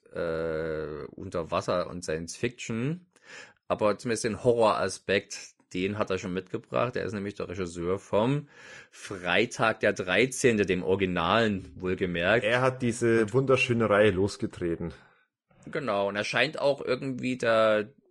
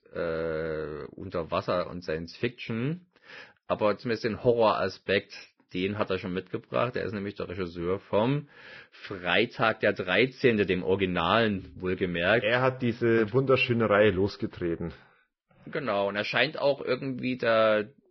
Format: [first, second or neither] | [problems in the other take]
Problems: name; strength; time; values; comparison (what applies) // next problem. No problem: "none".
first | garbled, watery; badly; nothing above 5.5 kHz; slightly in the first